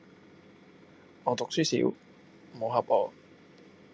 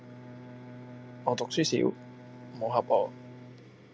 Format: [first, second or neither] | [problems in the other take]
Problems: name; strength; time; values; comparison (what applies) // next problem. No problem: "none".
first | background sound (Bowed string instrument); 15 dB below the speech